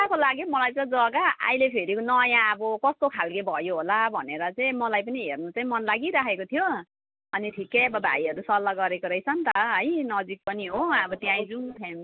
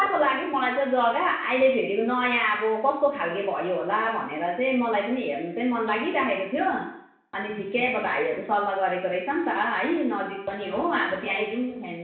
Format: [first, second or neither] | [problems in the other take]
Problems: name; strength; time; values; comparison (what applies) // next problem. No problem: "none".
first | room echo; dies away in 0.7 s